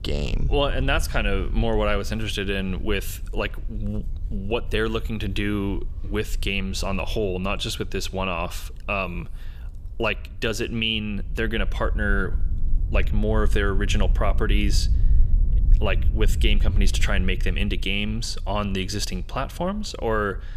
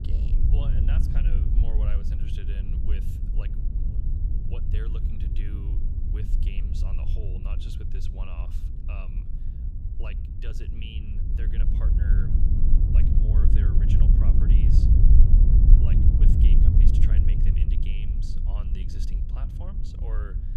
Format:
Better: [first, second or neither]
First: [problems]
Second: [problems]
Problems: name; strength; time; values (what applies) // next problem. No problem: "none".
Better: first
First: wind noise on the microphone; occasional gusts; 20 dB below the speech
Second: wind noise on the microphone; heavy; 4 dB above the speech